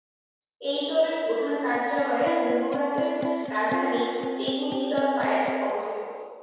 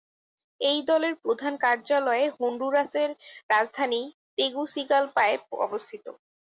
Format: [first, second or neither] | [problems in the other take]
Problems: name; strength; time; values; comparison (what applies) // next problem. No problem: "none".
second | background sound (Electric guitar); 4 dB below the speech // room echo; dies away in 1.9 s